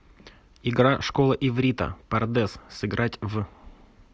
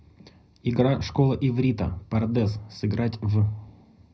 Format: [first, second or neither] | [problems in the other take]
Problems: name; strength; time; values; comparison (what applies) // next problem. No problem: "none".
first | room echo; dies away in 0.4 s